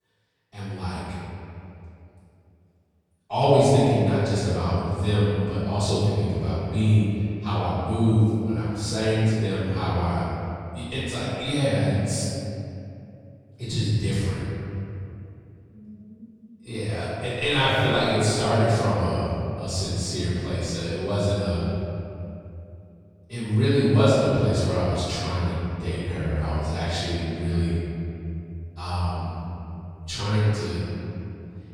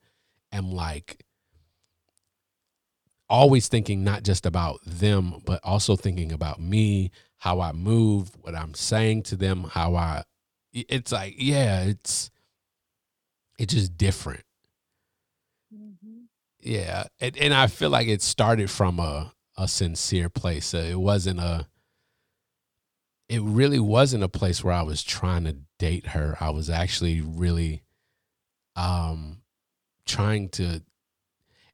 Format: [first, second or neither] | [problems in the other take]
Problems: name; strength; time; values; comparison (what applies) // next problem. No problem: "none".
second | off-mic speech; far // room echo; strong; dies away in 2.6 s